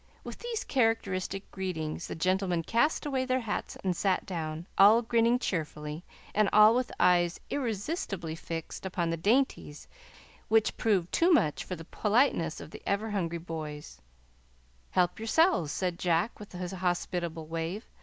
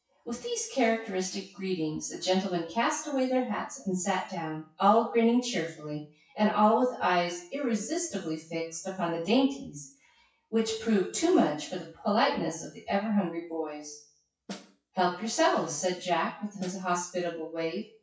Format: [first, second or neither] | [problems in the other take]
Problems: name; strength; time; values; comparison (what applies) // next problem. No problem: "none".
first | noise reduction (classical method WPE with log-MMSE)